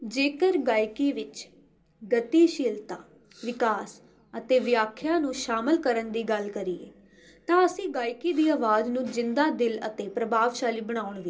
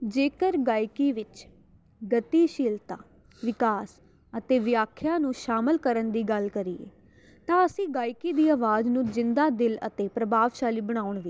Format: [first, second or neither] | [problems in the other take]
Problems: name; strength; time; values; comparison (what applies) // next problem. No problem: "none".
second | room echo; dies away in 0.2 s